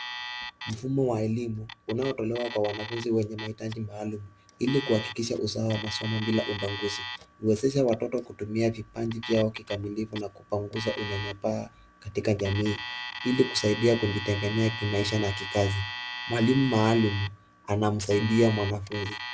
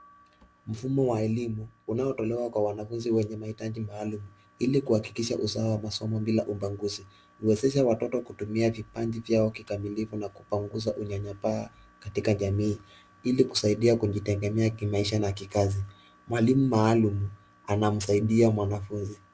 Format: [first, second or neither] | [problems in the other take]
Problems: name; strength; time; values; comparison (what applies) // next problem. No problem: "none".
second | background sound (Alarm); 11 dB below the speech